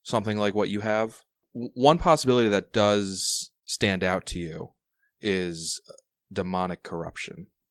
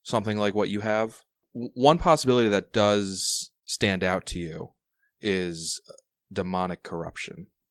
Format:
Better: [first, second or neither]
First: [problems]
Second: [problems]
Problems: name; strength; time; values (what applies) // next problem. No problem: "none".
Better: neither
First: garbled, watery; slightly; nothing above 15.5 kHz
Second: garbled, watery; slightly; nothing above 15.5 kHz